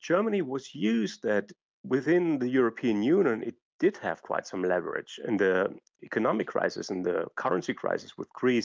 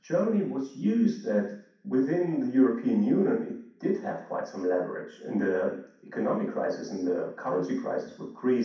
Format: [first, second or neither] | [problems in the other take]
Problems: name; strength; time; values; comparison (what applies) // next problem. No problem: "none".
first | room echo; dies away in 0.6 s